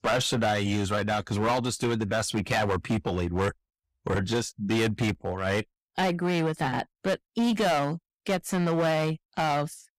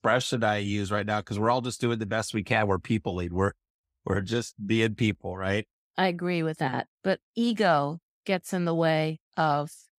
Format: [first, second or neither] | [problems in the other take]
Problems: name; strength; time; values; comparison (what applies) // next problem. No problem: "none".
second | distortion; heavy; 14% of the sound clipped